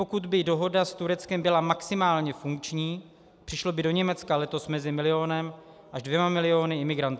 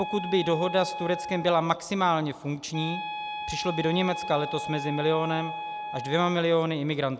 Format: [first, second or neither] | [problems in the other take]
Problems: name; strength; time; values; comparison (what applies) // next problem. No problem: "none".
first | background sound (Wind instrument, woodwind instrument); 9 dB below the speech